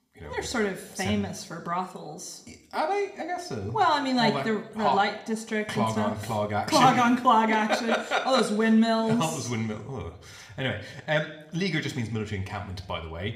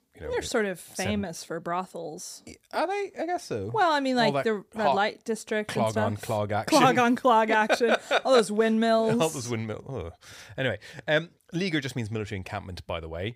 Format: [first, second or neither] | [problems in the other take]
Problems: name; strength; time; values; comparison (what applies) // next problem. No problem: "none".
second | room echo; very slight; dies away in 0.7 s